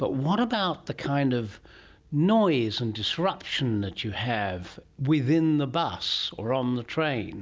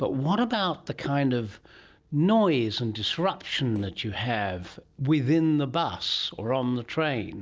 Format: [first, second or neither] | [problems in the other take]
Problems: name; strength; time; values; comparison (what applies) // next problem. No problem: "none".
first | noise reduction (neural separator model SepFormer DNS4)